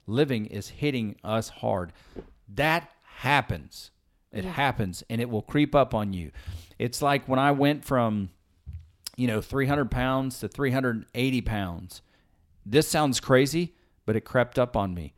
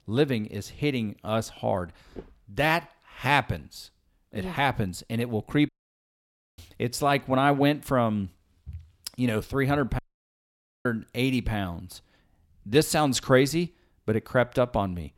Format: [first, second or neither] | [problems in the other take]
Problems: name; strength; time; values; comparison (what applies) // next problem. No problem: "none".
first | audio cutting out; at 5.5 s for 1 s and at 10 s for 1 s